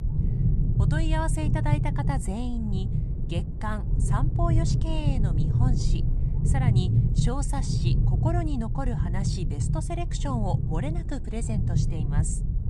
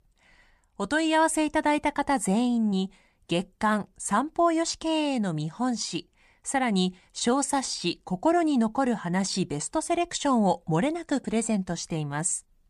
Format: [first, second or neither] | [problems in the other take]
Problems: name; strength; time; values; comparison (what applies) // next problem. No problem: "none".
second | low rumble; loud; throughout; 3 dB below the speech